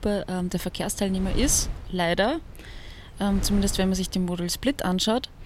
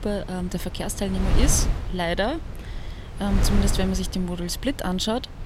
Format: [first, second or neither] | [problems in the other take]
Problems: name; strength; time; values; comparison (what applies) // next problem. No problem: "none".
first | wind noise on the microphone; heavy; 9 dB below the speech; occasional gusts in the first